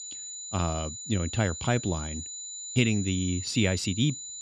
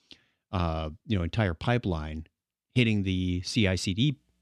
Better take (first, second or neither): second